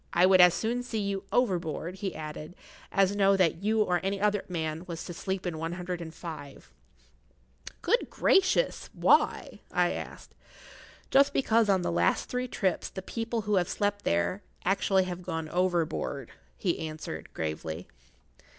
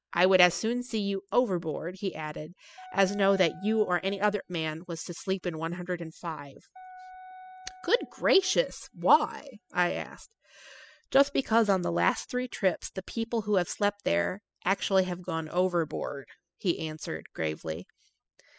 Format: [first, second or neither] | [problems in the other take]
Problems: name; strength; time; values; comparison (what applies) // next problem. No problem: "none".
first | noise reduction (classical method spectral subtraction)